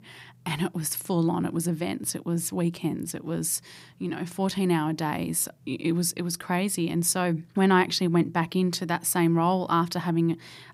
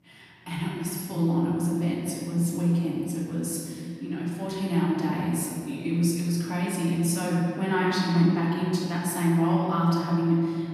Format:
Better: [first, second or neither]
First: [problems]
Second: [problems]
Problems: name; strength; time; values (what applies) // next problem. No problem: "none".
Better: first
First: none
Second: room echo; strong; dies away in 2.5 s // off-mic speech; far